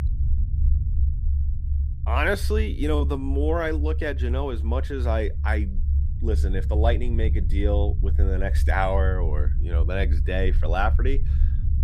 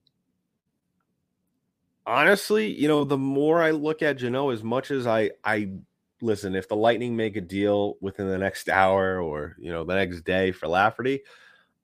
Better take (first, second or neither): second